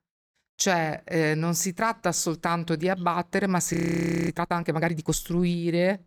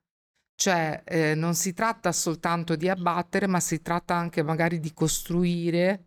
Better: second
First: audio freezing; at 3.5 s for 0.5 s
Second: none

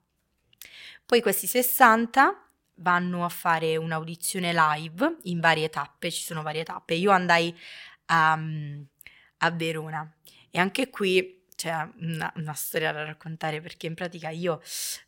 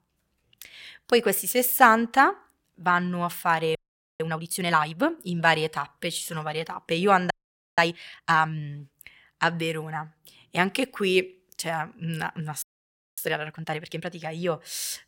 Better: first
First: none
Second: audio freezing; at 4 s, at 7.5 s and at 13 s for 0.5 s

